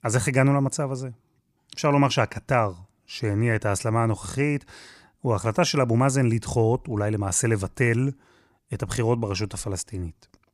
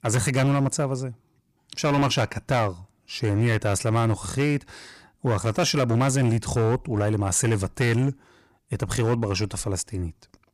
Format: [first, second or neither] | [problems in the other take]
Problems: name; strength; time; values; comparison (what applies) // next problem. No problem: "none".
first | distortion; slight; 9% of the sound clipped